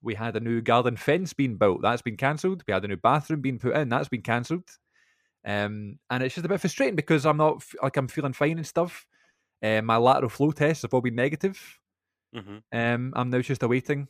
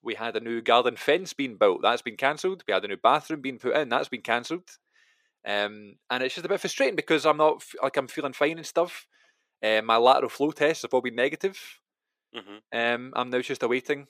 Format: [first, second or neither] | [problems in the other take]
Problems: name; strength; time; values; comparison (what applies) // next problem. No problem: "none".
first | thin; somewhat; fading below 400 Hz